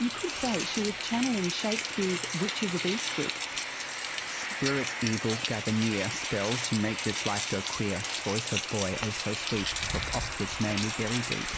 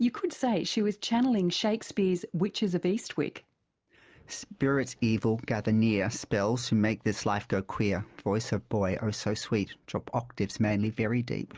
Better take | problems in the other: second | background sound (Rain); 2 dB below the speech

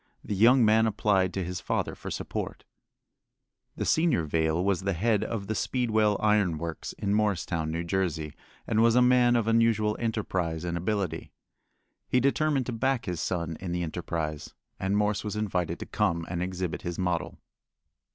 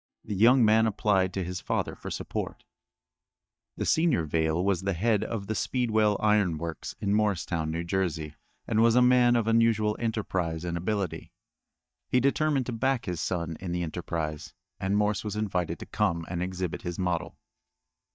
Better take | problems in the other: first | noise reduction (neural mask model DeepFilterNet 3)

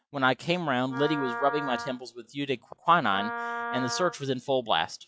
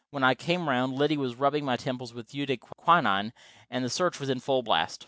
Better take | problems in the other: second | noise reduction (classical method log-MMSE)

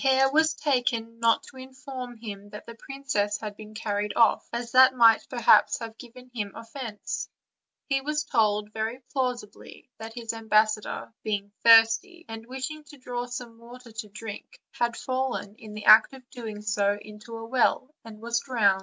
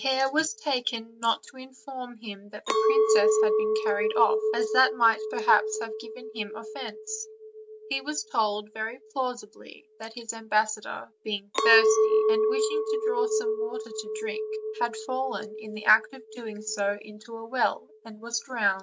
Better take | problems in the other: first | background sound (Chink, clink); as loud as the speech

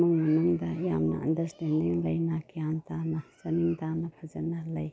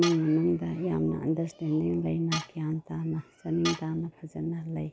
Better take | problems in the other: first | background sound (Tools); 10 dB below the speech

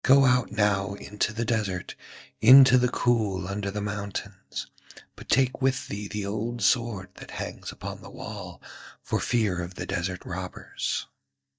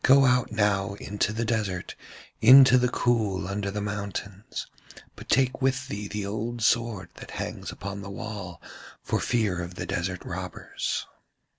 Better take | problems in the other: second | noise reduction (neural mask model DeepFilterNet 3)

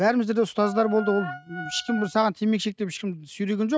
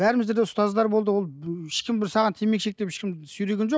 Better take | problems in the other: second | noise reduction (neural mask model RNNoise)

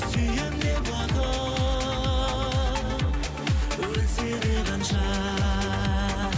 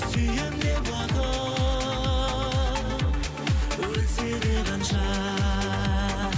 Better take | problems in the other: second | background sound (Musical instrument); 12 dB below the speech

